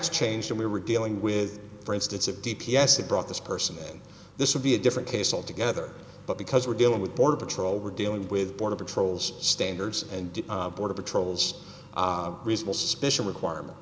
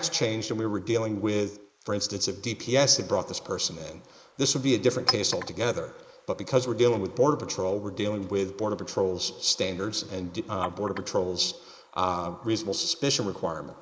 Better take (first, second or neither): first